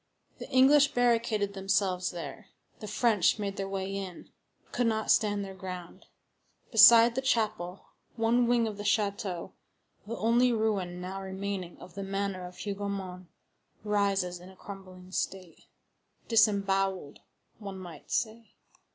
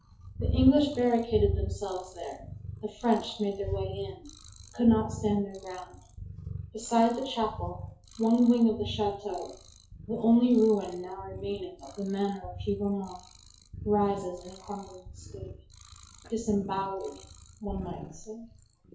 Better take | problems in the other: first | noise reduction (classical method WPE with log-MMSE)

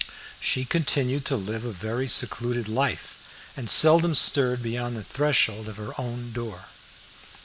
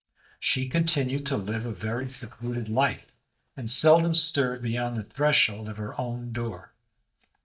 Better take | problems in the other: first | noise reduction (neural mask model DeepFilterNet 3)

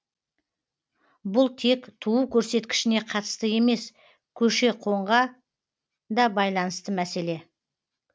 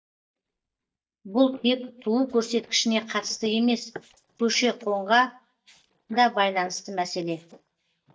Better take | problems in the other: first | noise reduction (neural mask model DeepFilterNet 3)

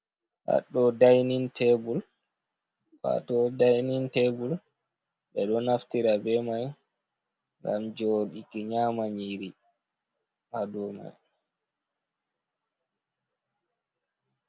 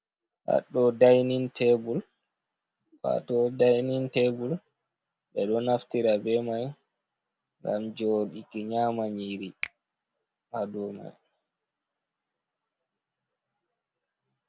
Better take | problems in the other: first | background sound (Finger snapping); 17 dB below the speech

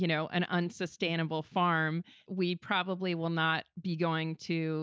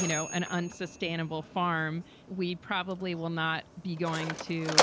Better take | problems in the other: first | background sound (Mechanisms); 3 dB below the speech

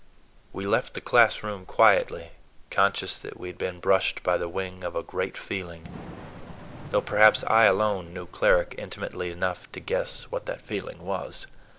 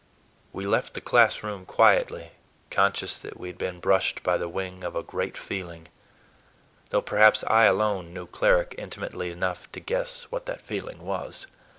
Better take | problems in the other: second | background sound (Thunder / Rain); 18 dB below the speech

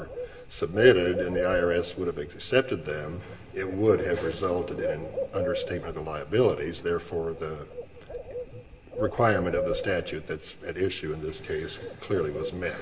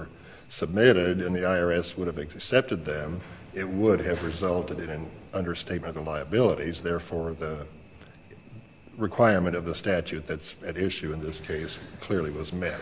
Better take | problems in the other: second | background sound (Bird); 8 dB below the speech // room echo; dies away in 0.7 s

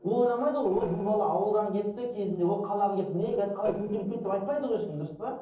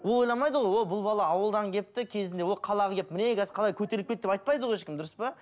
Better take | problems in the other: second | noise reduction (neural separator model SepFormer DNS4)

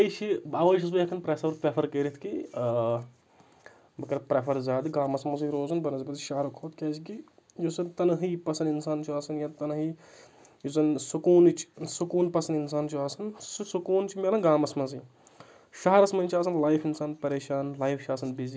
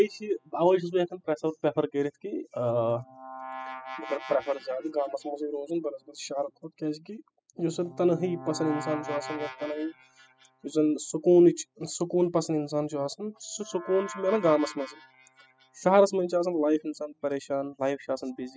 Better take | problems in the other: first | noise reduction (classical method spectral subtraction)

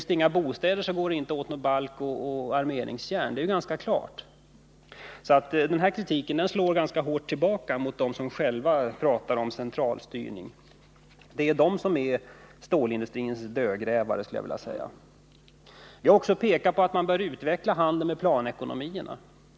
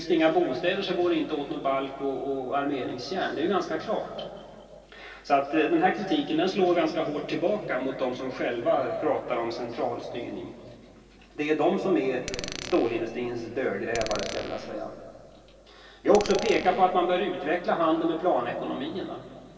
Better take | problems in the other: first | background sound (Glass); 13 dB below the speech // room echo; dies away in 2.5 s

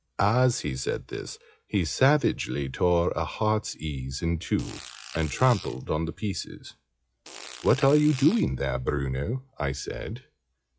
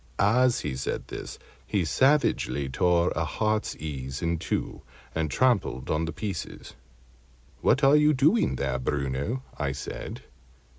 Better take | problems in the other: second | noise reduction (classical method log-MMSE)

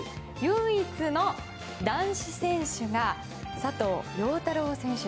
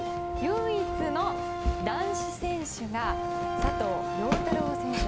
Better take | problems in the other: first | background sound (Walk, footsteps + Brass instrument); 2 dB above the speech

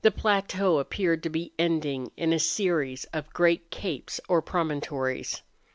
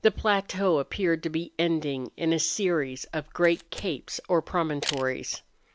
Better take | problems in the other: first | background sound (Camera); 15 dB below the speech

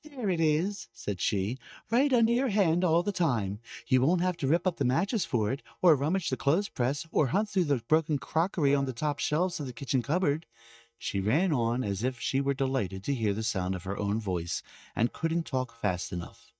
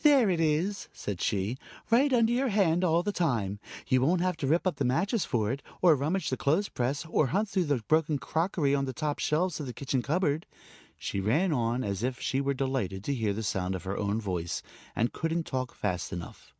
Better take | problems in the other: second | noise reduction (neural mask model DeepFilterNet 3)

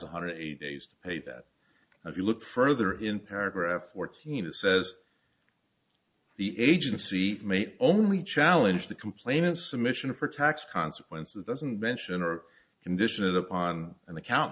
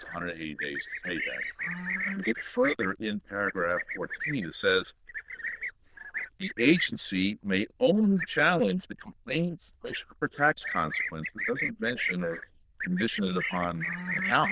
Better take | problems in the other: first | noise reduction (neural diffusion model UNIVERSE++)

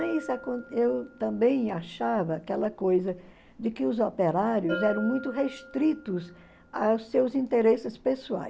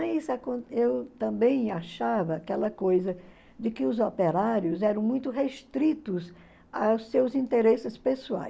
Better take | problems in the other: second | background sound (Bell); 17 dB below the speech

